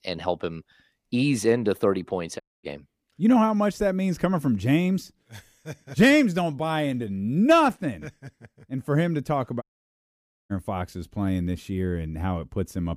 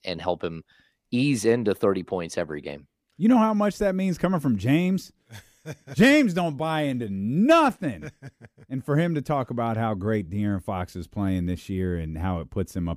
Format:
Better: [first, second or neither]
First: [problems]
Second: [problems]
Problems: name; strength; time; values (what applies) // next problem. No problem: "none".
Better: second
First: audio cutting out; at 2.5 s and at 9.5 s for 1 s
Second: none